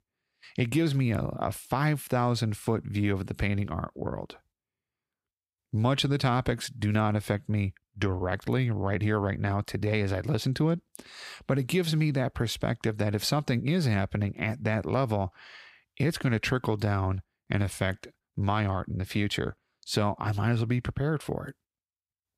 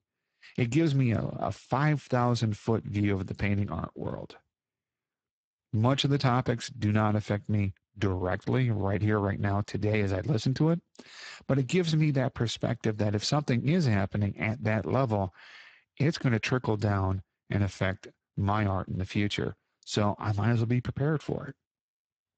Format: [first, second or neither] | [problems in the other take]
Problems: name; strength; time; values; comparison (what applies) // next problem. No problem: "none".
first | garbled, watery; badly; nothing above 7.5 kHz